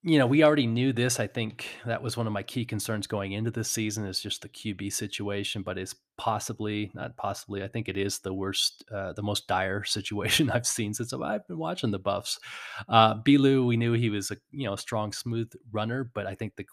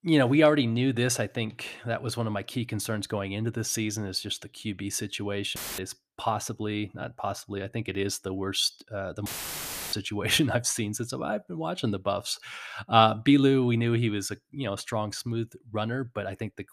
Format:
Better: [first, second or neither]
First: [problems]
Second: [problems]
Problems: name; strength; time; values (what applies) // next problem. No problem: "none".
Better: first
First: none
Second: audio cutting out; filled with static; at 5.5 s and at 9.5 s for 0.5 s